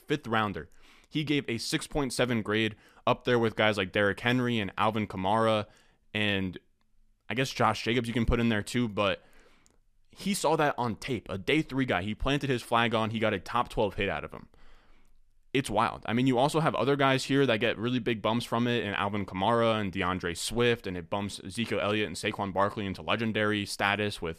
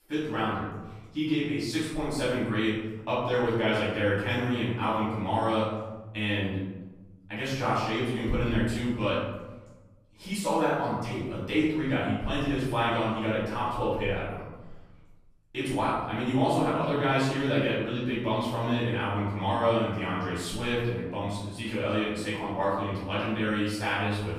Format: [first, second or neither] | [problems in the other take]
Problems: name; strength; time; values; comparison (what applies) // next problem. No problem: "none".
first | off-mic speech; far // room echo; noticeable; dies away in 1 s